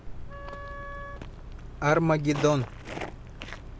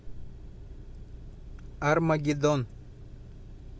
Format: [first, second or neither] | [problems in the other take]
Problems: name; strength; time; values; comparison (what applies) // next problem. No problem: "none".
second | background sound (Walk, footsteps + Wind instrument, woodwind instrument); 13 dB below the speech